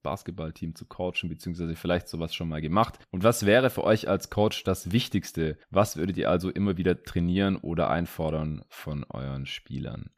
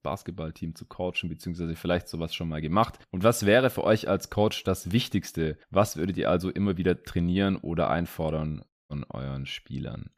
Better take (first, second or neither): first